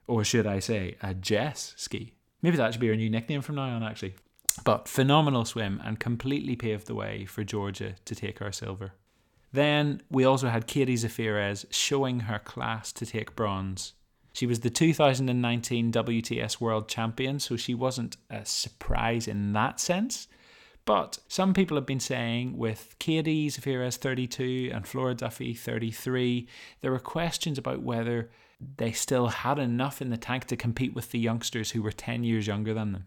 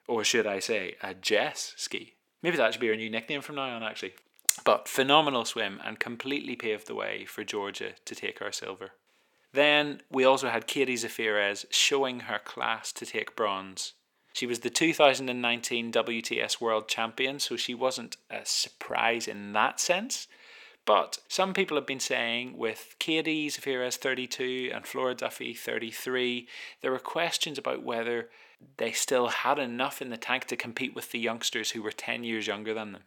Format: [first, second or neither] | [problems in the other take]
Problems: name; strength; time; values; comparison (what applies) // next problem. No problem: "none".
first | thin; somewhat; fading below 400 Hz